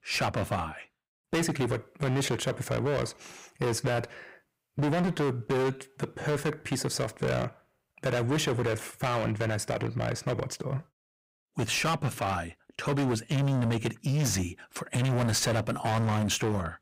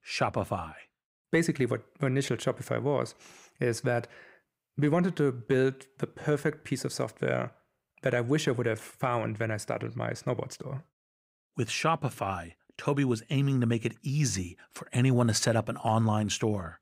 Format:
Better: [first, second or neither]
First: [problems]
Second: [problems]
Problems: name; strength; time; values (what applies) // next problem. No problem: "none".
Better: second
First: distortion; heavy; 20% of the sound clipped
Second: none